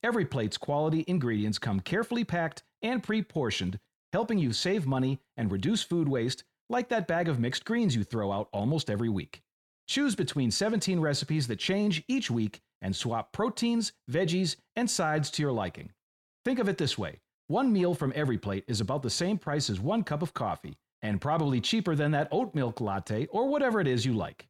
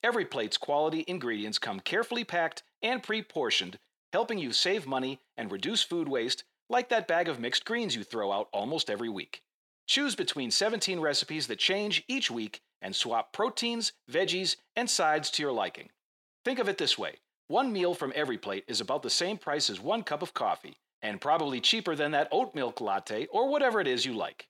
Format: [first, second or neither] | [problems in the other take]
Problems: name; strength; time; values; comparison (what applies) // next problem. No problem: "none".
first | thin; somewhat; fading below 400 Hz